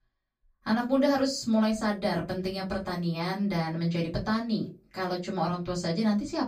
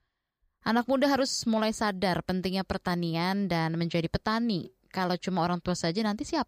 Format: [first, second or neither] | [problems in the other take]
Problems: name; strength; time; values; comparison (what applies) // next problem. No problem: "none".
second | off-mic speech; far // room echo; very slight; dies away in 0.2 s